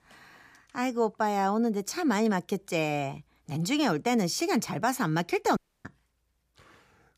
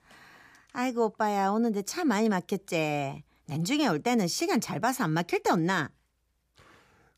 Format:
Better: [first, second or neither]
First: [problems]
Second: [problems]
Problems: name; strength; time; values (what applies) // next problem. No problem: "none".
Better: second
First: audio cutting out; at 5.5 s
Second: none